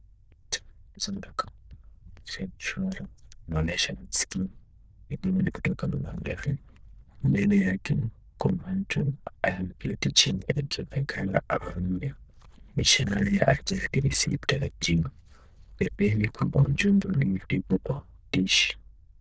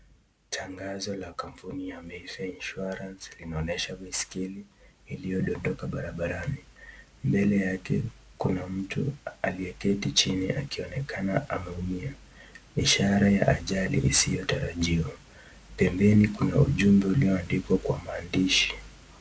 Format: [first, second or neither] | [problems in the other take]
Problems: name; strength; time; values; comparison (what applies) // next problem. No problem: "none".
second | noise reduction (neural diffusion model UNIVERSE++)